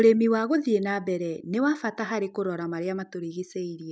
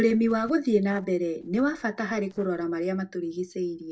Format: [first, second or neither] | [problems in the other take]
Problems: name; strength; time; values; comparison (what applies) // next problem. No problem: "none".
first | noise reduction (neural separator model SepFormer DNS4)